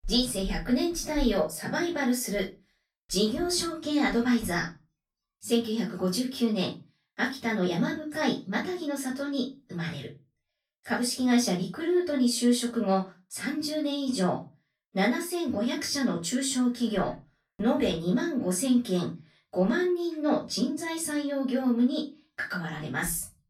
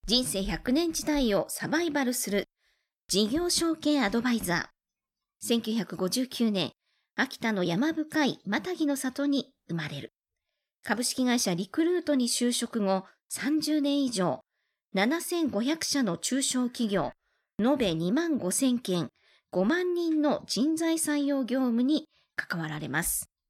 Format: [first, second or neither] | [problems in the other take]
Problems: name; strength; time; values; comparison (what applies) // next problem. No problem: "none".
second | off-mic speech; far // room echo; slight; dies away in 0.2 s